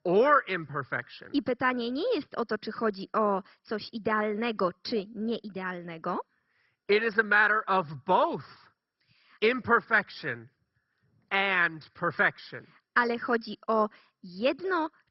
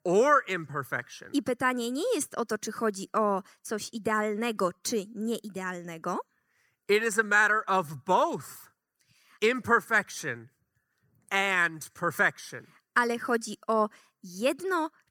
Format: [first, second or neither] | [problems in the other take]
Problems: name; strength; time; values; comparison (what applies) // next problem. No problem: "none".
second | garbled, watery; badly; nothing above 5.5 kHz